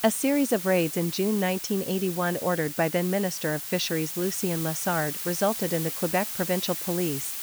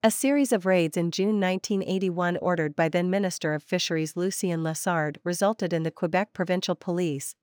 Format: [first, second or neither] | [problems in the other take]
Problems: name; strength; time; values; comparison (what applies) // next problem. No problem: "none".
second | hiss; loud; throughout; 5 dB below the speech